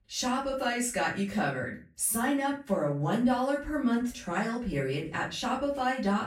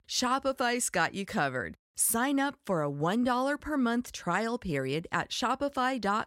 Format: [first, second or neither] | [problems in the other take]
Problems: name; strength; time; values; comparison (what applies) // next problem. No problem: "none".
second | off-mic speech; far // room echo; slight; dies away in 0.3 s